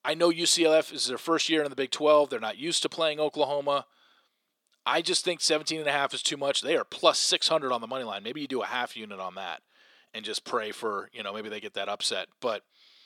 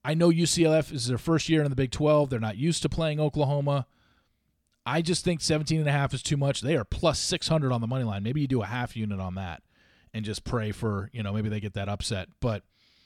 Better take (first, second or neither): second